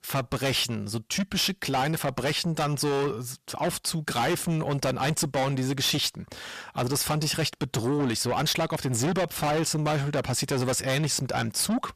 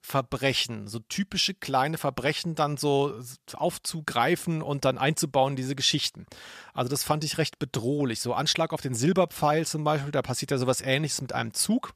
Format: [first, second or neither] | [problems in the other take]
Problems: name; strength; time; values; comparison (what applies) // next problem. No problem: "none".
second | distortion; heavy; 6 dB below the speech